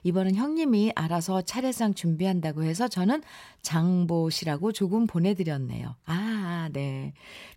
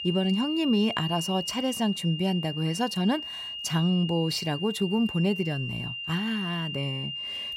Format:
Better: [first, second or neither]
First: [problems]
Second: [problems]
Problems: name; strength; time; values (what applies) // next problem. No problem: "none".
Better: first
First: none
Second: high-pitched whine; loud; throughout; 3 kHz, 6 dB below the speech